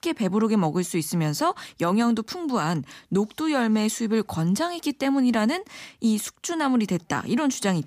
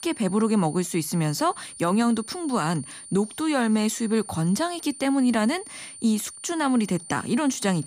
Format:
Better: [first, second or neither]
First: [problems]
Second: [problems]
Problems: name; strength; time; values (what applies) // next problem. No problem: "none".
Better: first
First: none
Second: high-pitched whine; noticeable; throughout; 9 kHz, 15 dB below the speech